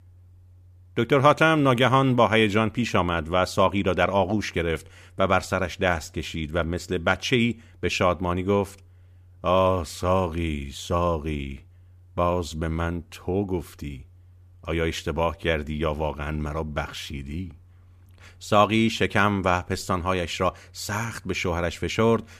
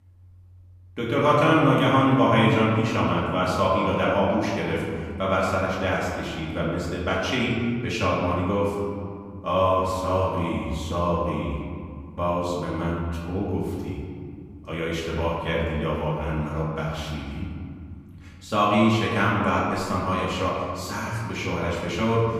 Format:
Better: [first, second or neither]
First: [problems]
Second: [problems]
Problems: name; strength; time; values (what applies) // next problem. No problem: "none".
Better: first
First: none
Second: room echo; noticeable; dies away in 2 s // off-mic speech; far